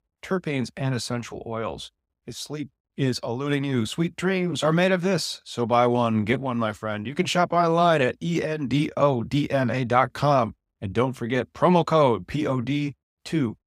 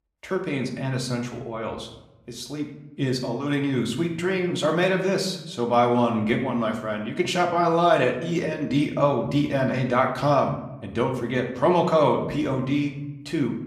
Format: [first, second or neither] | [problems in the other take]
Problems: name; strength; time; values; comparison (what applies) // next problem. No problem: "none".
first | room echo; slight; dies away in 0.7 s // off-mic speech; somewhat distant